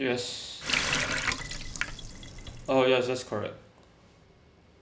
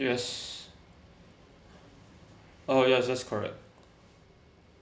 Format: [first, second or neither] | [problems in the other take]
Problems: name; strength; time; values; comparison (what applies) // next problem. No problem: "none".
second | background sound (Water tap, faucet); as loud as the speech